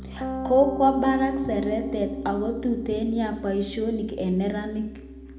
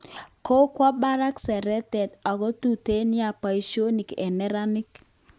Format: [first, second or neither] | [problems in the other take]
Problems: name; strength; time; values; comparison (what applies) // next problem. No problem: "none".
second | background sound (Piano); 7 dB below the speech // room echo; dies away in 0.7 s